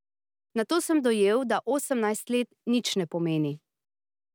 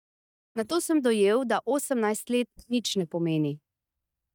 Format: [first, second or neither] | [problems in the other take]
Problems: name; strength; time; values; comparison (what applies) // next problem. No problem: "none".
first | noise reduction (neural mask model DeepFilterNet 3)